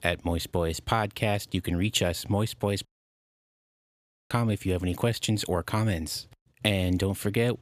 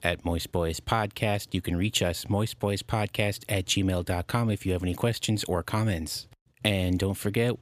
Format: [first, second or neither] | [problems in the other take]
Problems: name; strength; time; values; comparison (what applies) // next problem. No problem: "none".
second | audio cutting out; at 3 s for 1.5 s